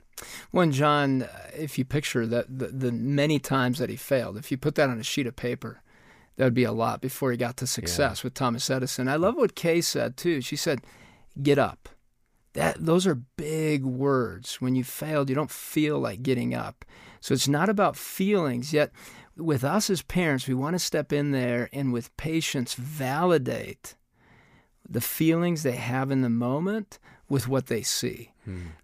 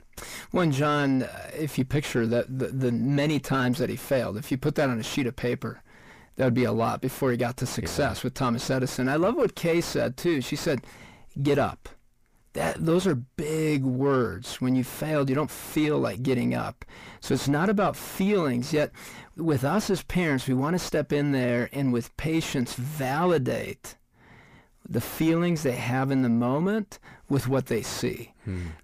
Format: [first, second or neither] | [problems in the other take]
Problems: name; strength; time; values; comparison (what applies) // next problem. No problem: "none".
first | distortion; slight; 8 dB below the speech